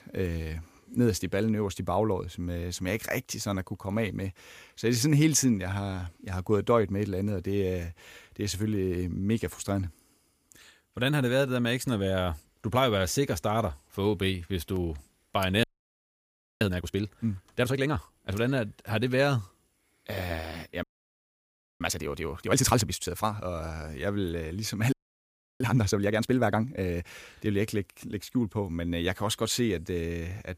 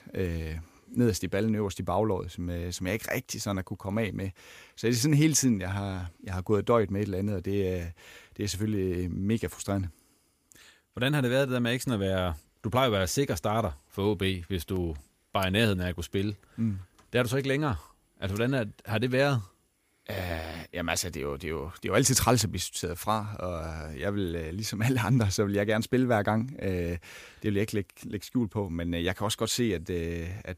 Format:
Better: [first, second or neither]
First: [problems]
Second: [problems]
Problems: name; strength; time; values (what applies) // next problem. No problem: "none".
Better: second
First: audio freezing; at 16 s for 1 s, at 21 s for 1 s and at 25 s for 0.5 s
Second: none